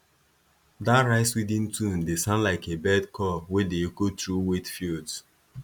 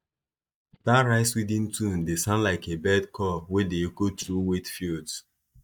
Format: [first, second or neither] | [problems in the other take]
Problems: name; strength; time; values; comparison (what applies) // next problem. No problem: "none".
first | noise reduction (neural mask model DeepFilterNet 3)